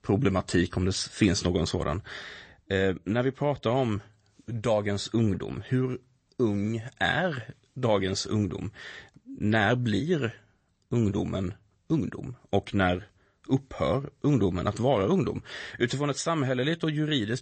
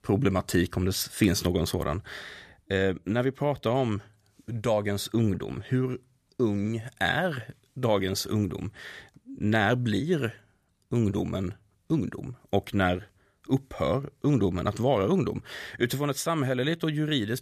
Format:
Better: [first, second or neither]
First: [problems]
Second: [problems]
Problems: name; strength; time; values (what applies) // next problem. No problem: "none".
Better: second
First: garbled, watery; slightly; nothing above 8 kHz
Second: none